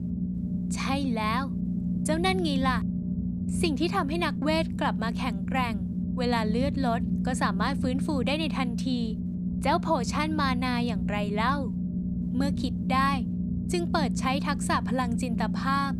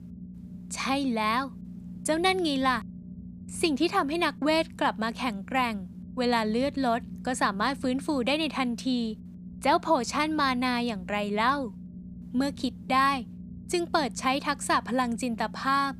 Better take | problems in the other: second | low rumble; loud; throughout; 9 dB below the speech; faint in the second

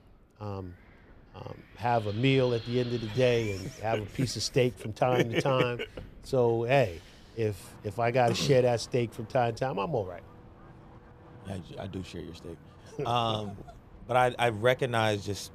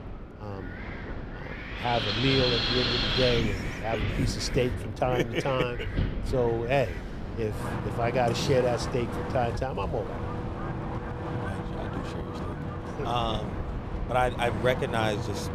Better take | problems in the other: first | wind in the background; loud; throughout; 3 dB below the speech; faint in the first

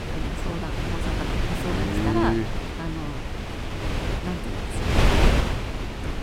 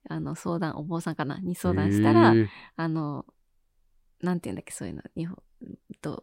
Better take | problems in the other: second | wind noise on the microphone; heavy; 3 dB above the speech

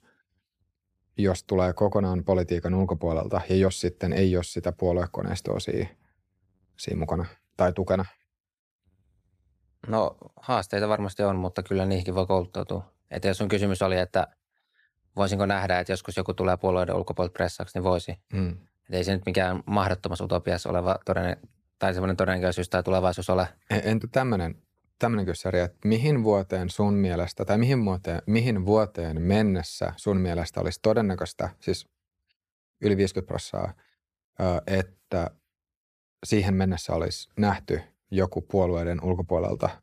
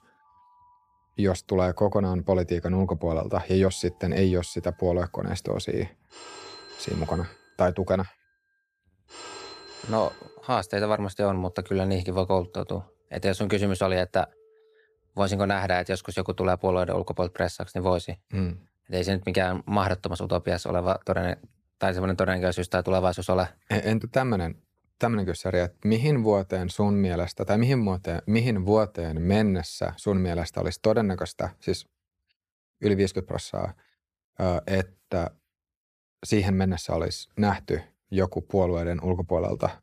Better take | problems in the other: first | alarms or sirens; faint; until 16 s; 20 dB below the speech

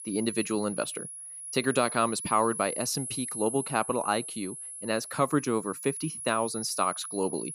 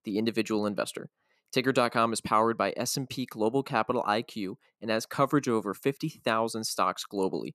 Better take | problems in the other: second | high-pitched whine; loud; throughout; 10.5 kHz, 7 dB below the speech

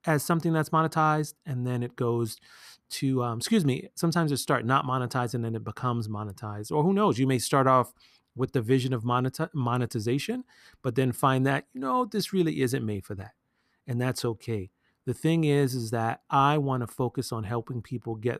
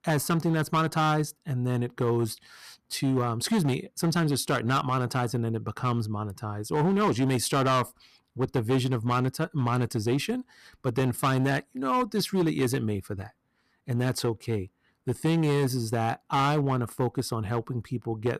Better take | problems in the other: first | distortion; slight; 8% of the sound clipped

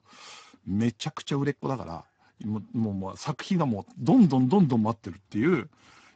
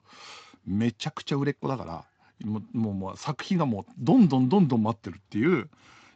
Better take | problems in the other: second | garbled, watery; badly; nothing above 7.5 kHz; slightly in the second

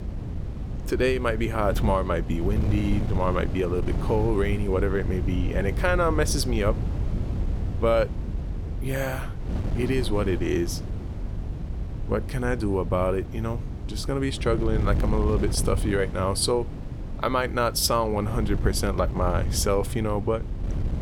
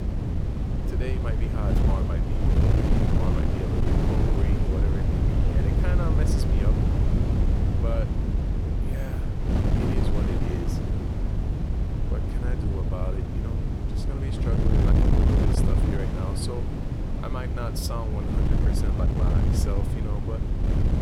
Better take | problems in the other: first | wind noise on the microphone; heavy; 3 dB above the speech; occasional gusts in the first

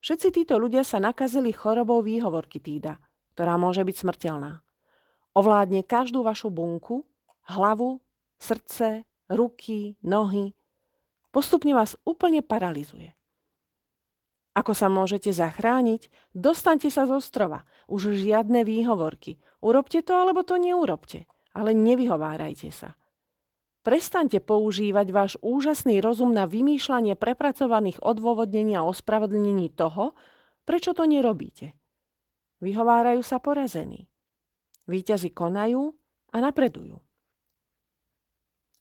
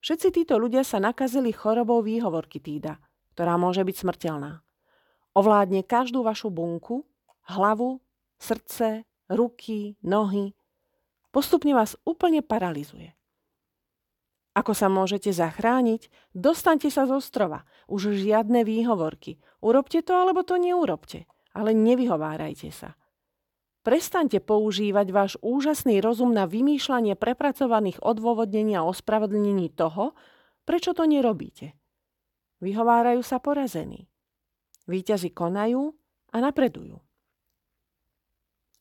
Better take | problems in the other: second | garbled, watery; slightly; nothing above 18.5 kHz

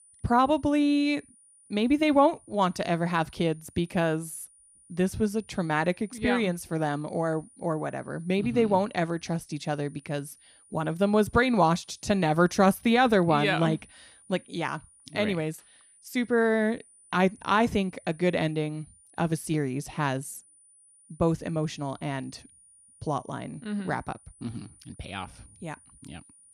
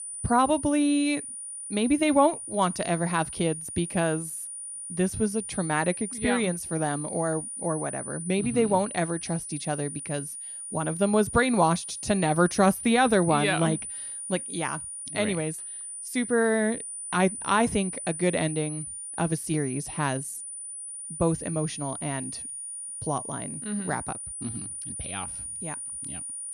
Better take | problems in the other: first | high-pitched whine; loud; throughout; 9.5 kHz, 8 dB below the speech; faint in the first

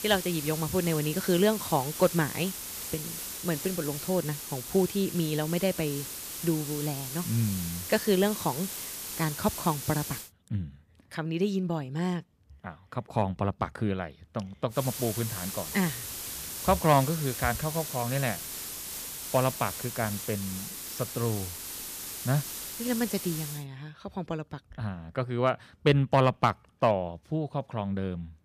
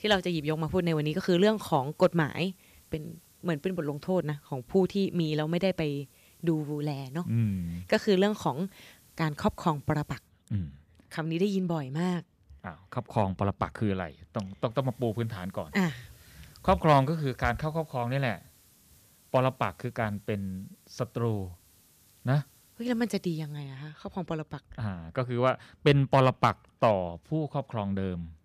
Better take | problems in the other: second | hiss; loud; until 10 s and from 15 to 24 s; 6 dB below the speech; faint in the second

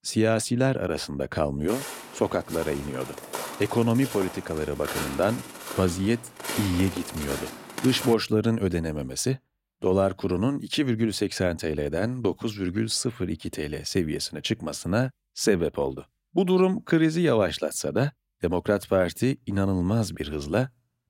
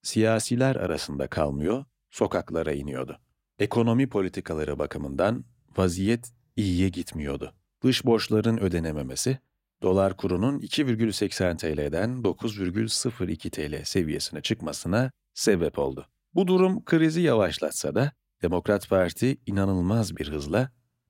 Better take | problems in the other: second | footsteps; noticeable; from 1.5 to 8 s; peak 5 dB below the speech

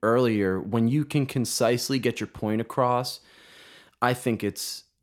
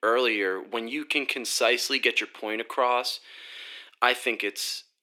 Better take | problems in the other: first | thin; somewhat; fading below 300 Hz

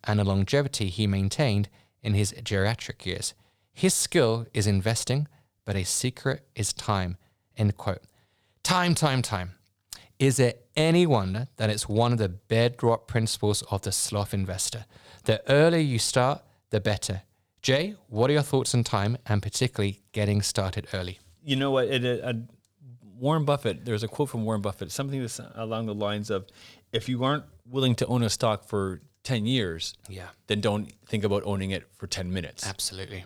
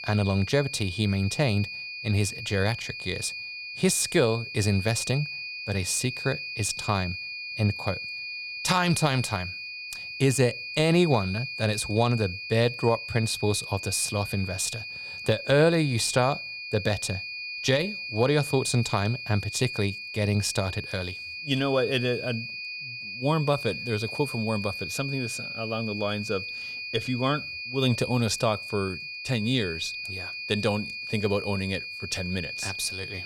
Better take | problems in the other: first | high-pitched whine; loud; throughout; 2.5 kHz, 7 dB below the speech

